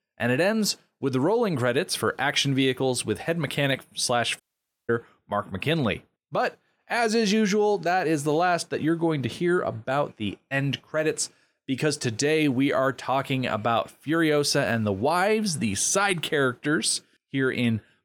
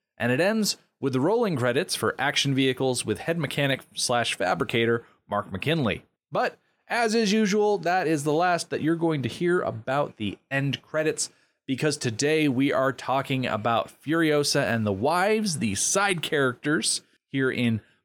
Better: second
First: audio cutting out; at 4.5 s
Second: none

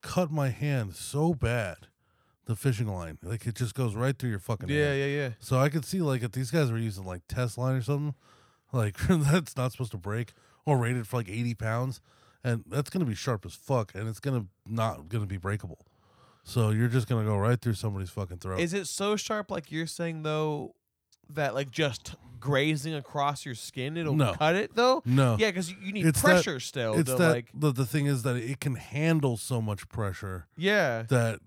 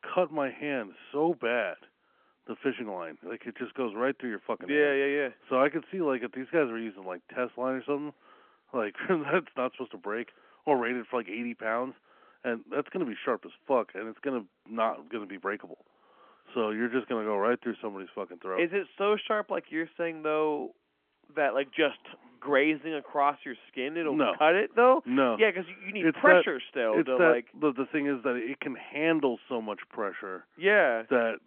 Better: first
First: none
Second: phone-call audio

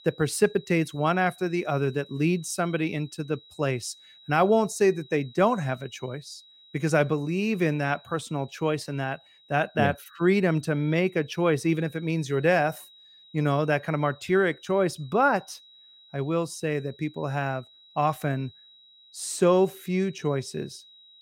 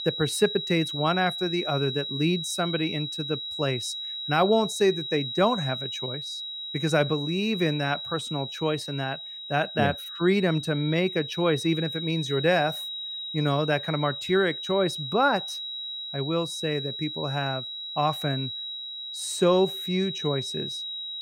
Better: first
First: high-pitched whine; faint; throughout; 4 kHz, 25 dB below the speech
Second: high-pitched whine; loud; throughout; 4 kHz, 6 dB below the speech

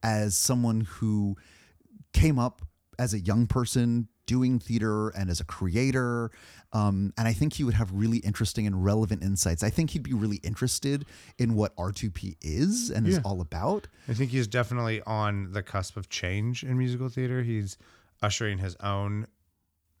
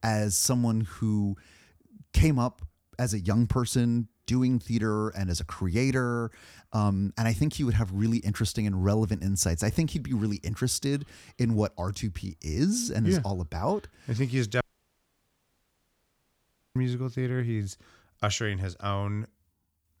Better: first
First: none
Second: audio cutting out; at 15 s for 2 s

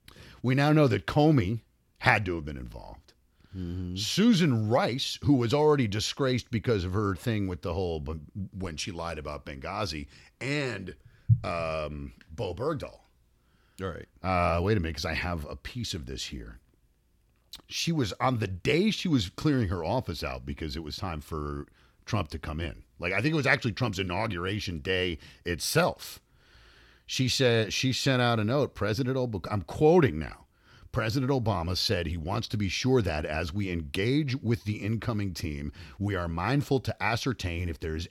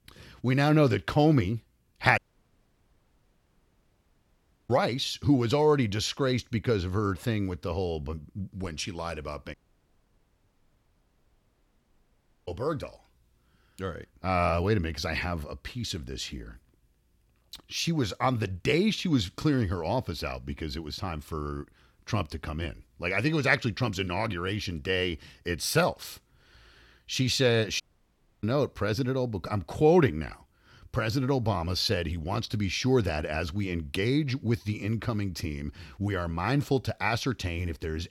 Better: first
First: none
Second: audio cutting out; at 2 s for 2.5 s, at 9.5 s for 3 s and at 28 s for 0.5 s

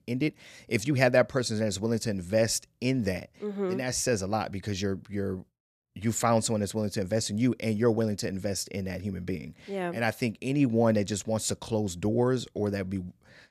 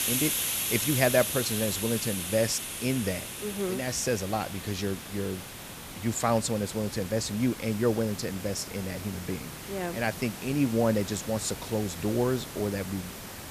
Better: first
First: none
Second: hiss; loud; throughout; 5 dB below the speech

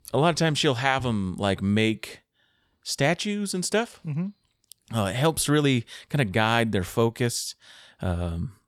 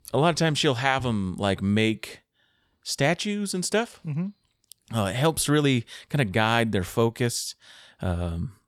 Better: neither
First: none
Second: none

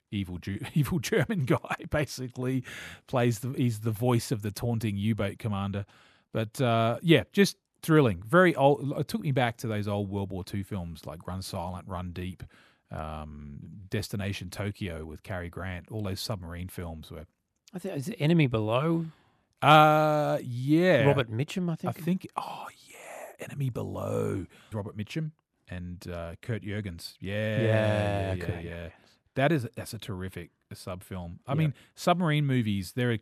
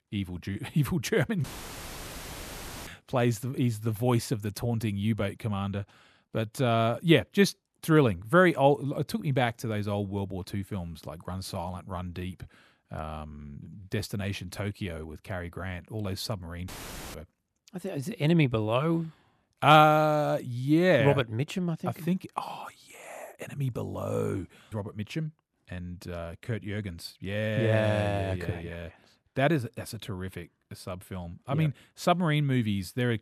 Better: first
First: none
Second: audio cutting out; filled with static; at 1.5 s for 1.5 s and at 17 s

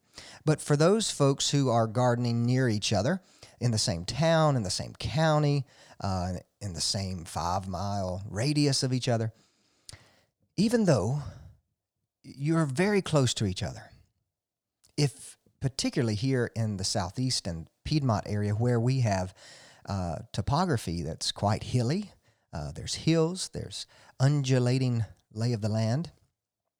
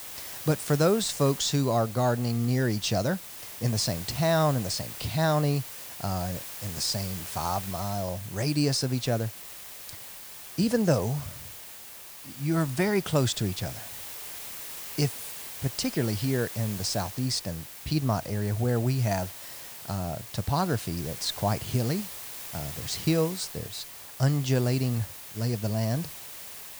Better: first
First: none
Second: hiss; noticeable; throughout; 10 dB below the speech

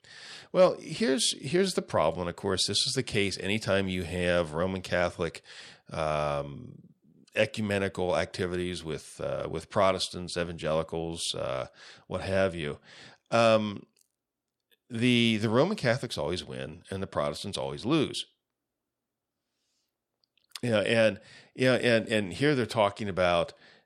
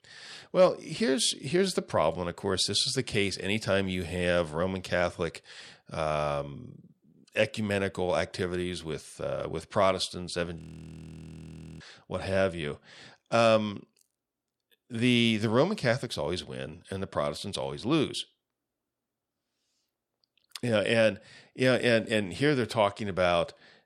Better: first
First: none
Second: audio freezing; at 11 s for 1 s

